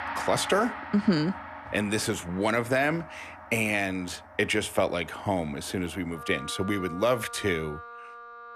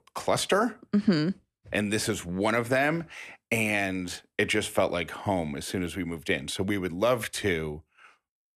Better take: second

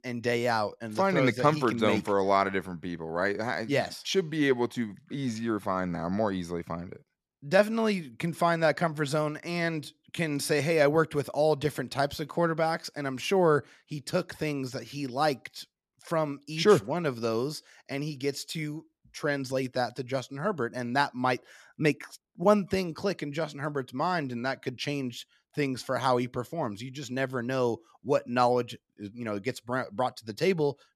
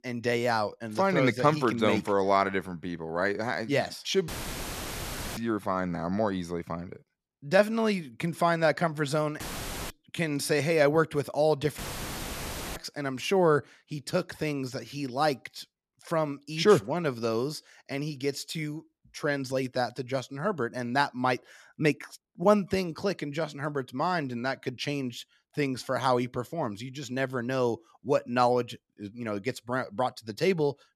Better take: first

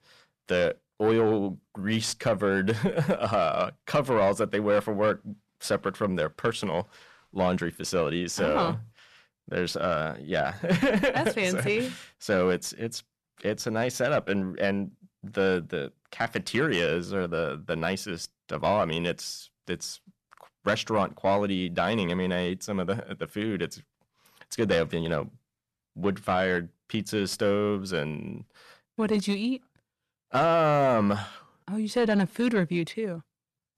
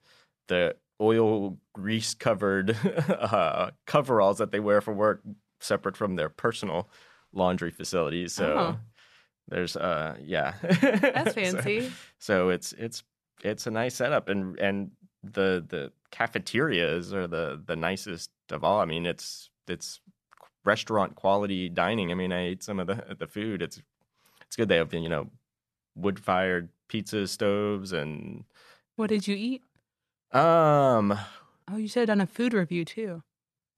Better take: second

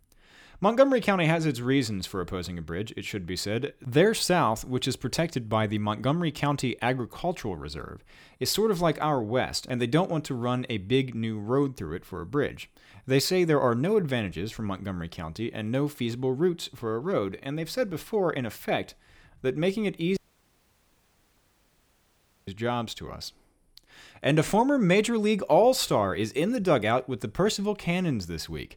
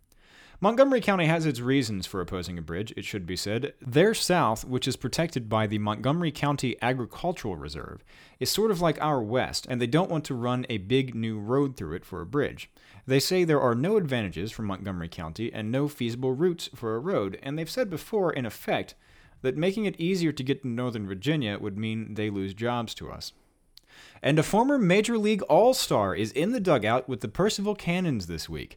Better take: second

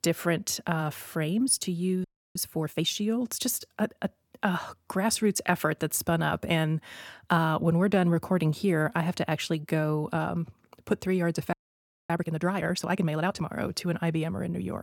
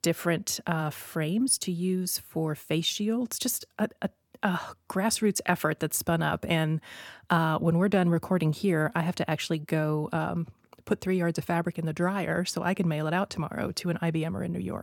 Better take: second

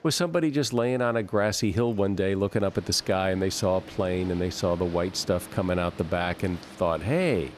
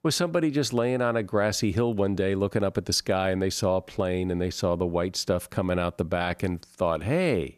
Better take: second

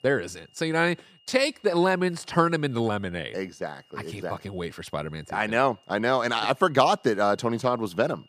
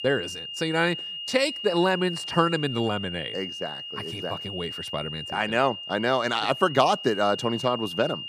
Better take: first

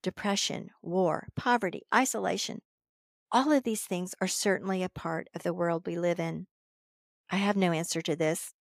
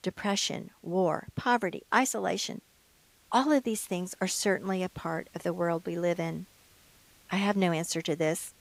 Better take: first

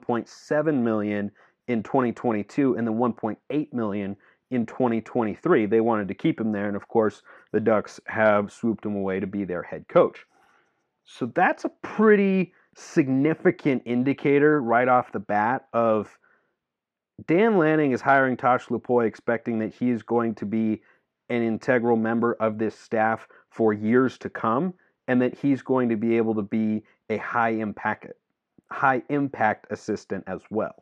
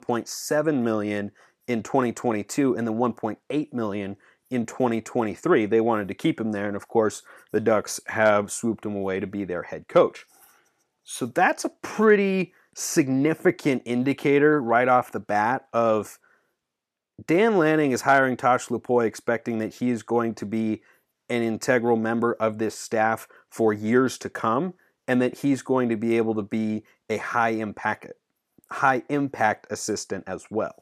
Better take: second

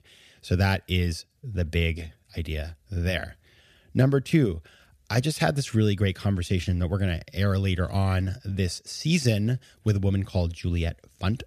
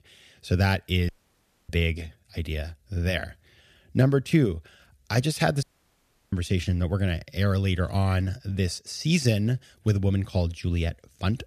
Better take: first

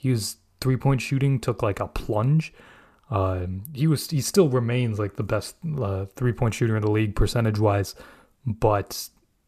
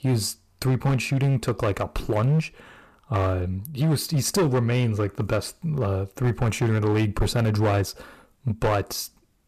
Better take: first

